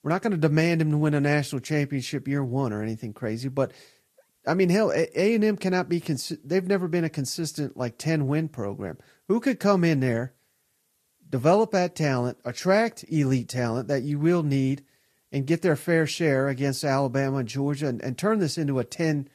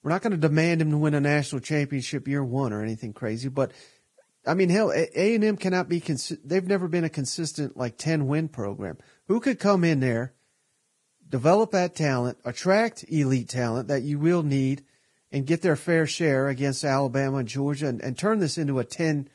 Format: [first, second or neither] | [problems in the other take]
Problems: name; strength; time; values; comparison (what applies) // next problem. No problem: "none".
first | garbled, watery; badly; nothing above 10.5 kHz; slightly in the first